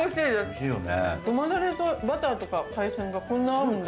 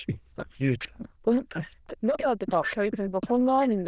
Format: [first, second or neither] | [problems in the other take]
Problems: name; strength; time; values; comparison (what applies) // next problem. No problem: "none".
first | noise reduction (neural diffusion model UNIVERSE++)